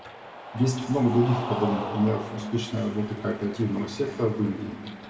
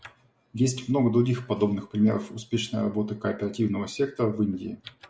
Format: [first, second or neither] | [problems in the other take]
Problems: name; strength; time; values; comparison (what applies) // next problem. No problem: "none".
second | background sound (Cheering); 11 dB below the speech // room echo; dies away in 1.7 s